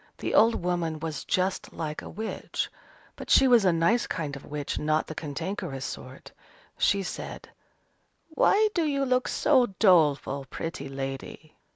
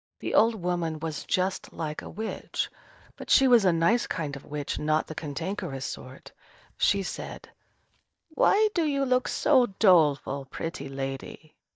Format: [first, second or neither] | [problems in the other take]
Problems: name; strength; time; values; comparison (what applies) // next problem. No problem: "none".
first | noise reduction (neural mask model DeepFilterNet 3)